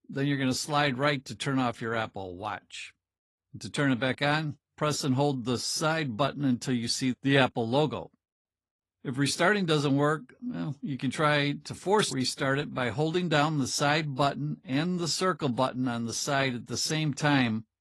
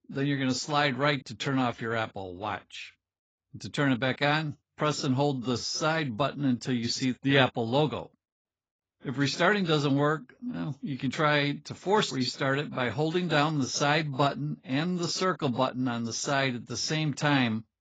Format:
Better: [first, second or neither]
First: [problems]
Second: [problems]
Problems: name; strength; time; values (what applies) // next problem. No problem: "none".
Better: first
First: garbled, watery; slightly; nothing above 11.5 kHz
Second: garbled, watery; badly; nothing above 7.5 kHz